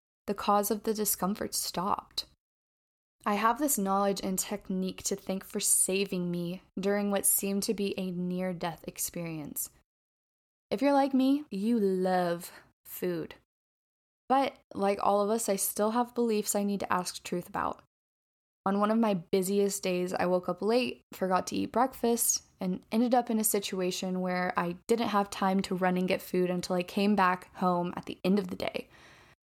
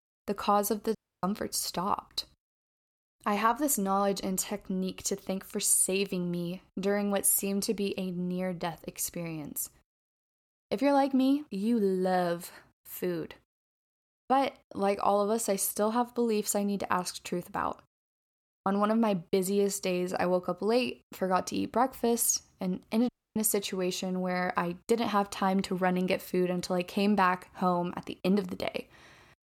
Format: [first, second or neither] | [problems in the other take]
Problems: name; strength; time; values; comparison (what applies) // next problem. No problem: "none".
first | audio cutting out; at 1 s and at 23 s